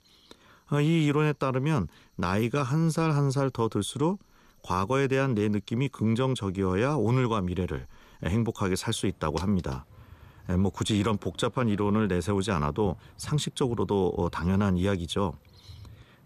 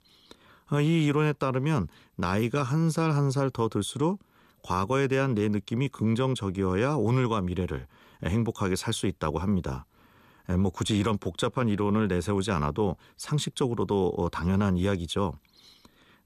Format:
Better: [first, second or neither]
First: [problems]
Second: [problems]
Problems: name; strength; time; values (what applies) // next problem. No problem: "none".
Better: second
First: animal sounds; faint; throughout; 25 dB below the speech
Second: none